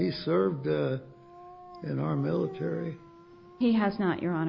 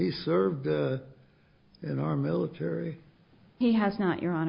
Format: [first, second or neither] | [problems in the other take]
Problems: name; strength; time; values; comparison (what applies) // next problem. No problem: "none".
second | background sound (Dog); 17 dB below the speech